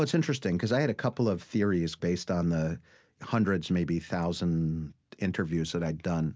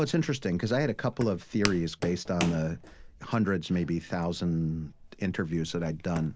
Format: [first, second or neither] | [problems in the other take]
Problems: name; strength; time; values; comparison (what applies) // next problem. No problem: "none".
first | background sound (Walk, footsteps); 12 dB below the speech